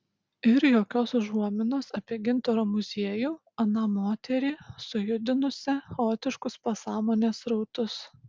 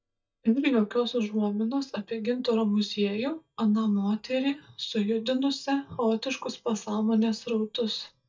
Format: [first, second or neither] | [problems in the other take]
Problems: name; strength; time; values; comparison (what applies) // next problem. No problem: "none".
first | noise reduction (neural mask model DeepFilterNet 3)